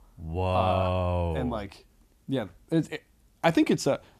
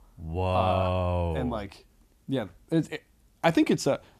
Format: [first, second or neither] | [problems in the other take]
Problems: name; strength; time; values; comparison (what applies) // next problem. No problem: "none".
neither | none